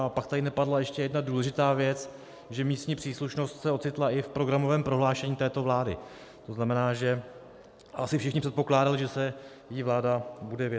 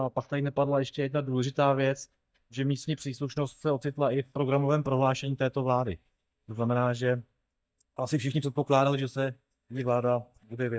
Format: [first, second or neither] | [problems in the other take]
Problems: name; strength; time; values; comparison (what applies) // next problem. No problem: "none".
first | noise reduction (neural mask model DeepFilterNet 3)